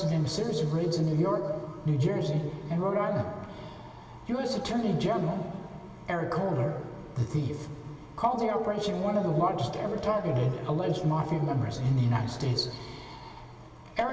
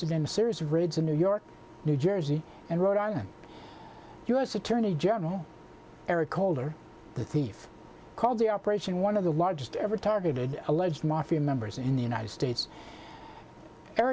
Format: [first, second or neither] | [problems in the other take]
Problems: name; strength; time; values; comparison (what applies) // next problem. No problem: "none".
second | room echo; dies away in 2.5 s